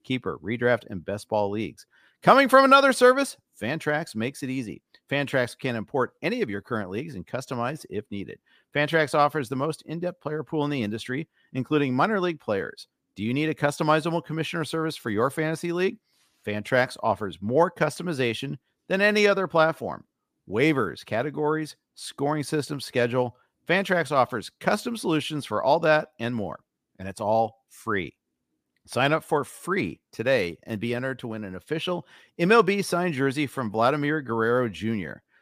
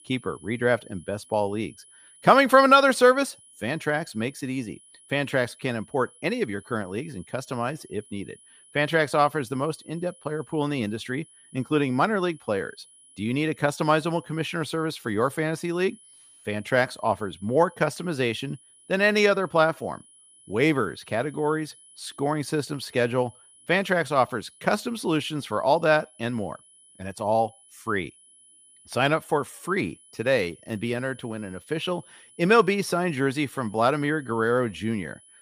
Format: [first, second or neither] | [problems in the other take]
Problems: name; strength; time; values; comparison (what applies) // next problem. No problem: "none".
first | high-pitched whine; faint; throughout; 10 kHz, 25 dB below the speech